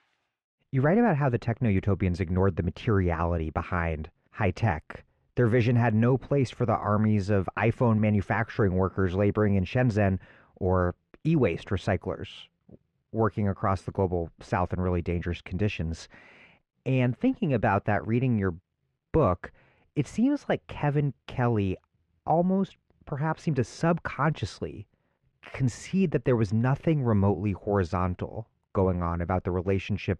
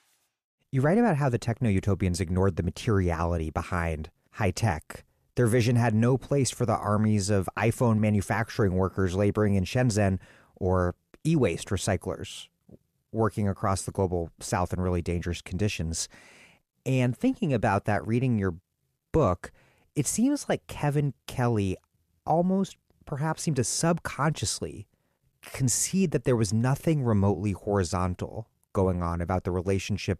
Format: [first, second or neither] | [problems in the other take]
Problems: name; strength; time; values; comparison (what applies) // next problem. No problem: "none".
second | muffled; very; fading above 2.5 kHz